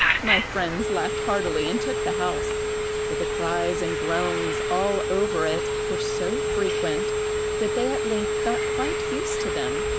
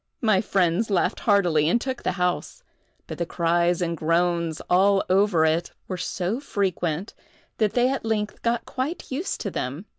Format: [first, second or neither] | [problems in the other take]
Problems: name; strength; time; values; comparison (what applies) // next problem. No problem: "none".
second | background sound (Telephone); 4 dB above the speech